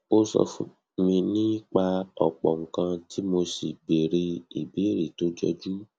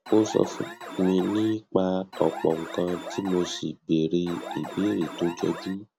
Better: first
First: none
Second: background sound (Alarm); 11 dB below the speech

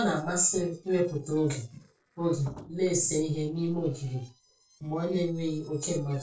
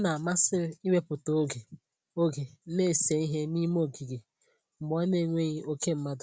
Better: second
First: noise reduction (neural separator model SepFormer DNS4)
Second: none

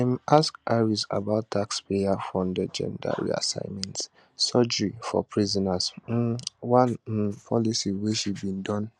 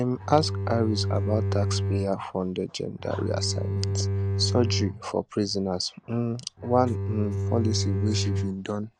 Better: first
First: none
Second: background sound (Bowed string instrument); as loud as the speech

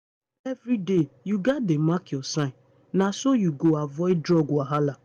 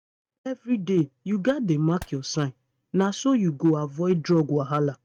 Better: first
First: none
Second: noise reduction (neural mask model RNNoise)

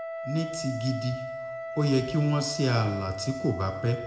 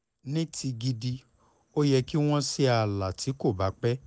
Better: second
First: background sound (Wind instrument, woodwind instrument); 8 dB below the speech // room echo; dies away in 0.9 s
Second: none

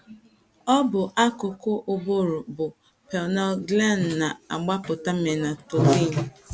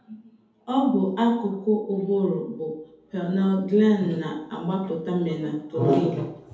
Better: first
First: none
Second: room echo; dies away in 1.9 s

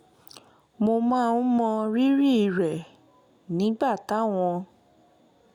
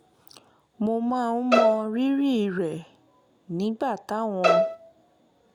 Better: first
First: none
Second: background sound (Bowed string instrument); 3 dB above the speech

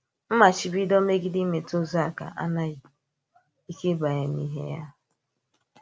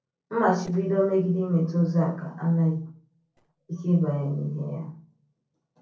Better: first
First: none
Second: noise reduction (neural separator model SepFormer DNS4)

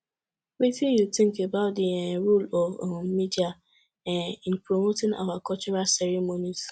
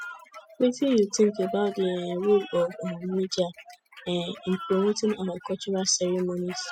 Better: first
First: none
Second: noise reduction (classical method spectral subtraction)

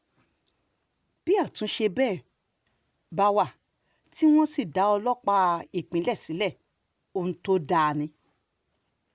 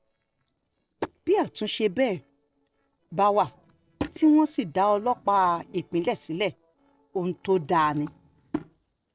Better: first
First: none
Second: noise reduction (neural separator model SepFormer DNS4)

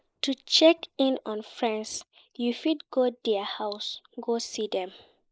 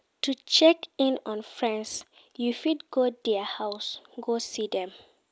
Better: second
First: noise reduction (neural mask model Resemble Enhance denoiser)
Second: none

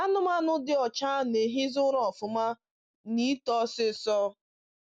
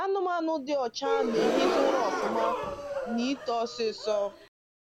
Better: first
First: none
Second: background sound (Gasp); 1 dB below the speech

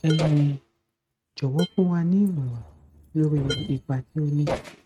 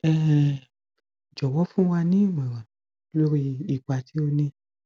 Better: second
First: noise reduction (neural mask model RNNoise)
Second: none

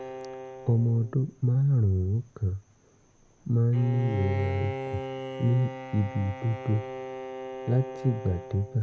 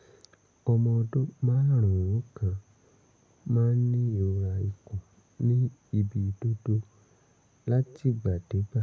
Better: second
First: background sound (Bowed string instrument); 11 dB below the speech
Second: none

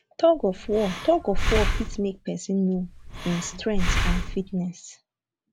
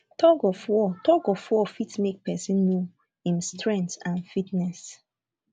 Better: second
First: background sound (Breathing); 1 dB below the speech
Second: none

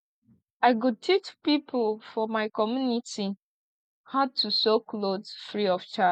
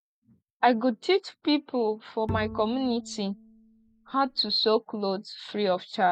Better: first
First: none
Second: background sound (Bowed string instrument); 12 dB below the speech

